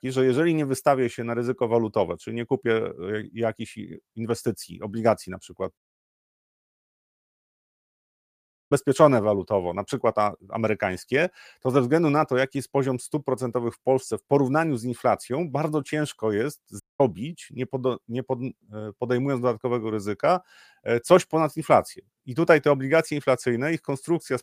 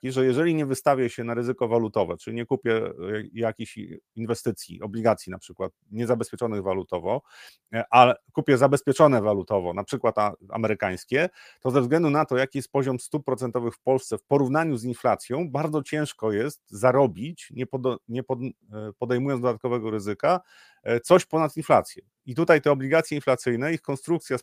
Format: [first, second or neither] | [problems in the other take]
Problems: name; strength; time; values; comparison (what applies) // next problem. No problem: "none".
second | audio cutting out; at 6 s for 3 s and at 17 s